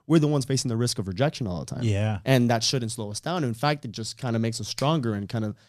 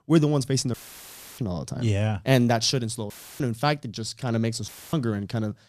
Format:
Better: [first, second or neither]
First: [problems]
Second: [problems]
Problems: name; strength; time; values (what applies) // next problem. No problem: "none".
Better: first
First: none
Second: audio cutting out; filled with static; at 0.5 s for 0.5 s, at 3 s and at 4.5 s